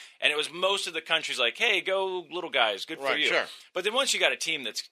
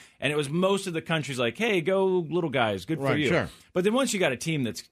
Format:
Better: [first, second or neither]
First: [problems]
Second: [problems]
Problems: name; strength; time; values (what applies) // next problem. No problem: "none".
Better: second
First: thin; very; fading below 600 Hz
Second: none